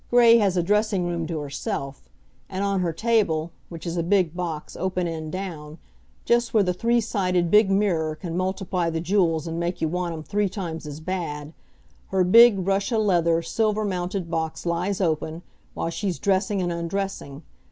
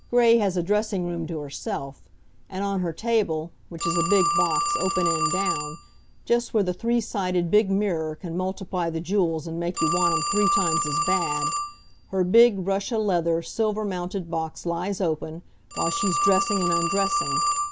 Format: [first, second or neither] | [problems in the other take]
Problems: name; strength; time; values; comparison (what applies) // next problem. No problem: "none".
first | background sound (Telephone); 4 dB below the speech